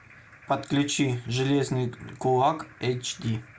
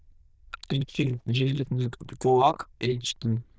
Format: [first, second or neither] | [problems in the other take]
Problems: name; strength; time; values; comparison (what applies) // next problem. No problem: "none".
first | noise reduction (neural diffusion model UNIVERSE++)